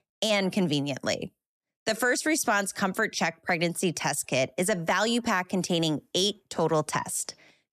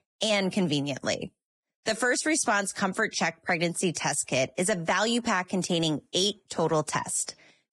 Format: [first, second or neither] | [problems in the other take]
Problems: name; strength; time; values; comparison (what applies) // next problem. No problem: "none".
first | garbled, watery; badly; nothing above 10 kHz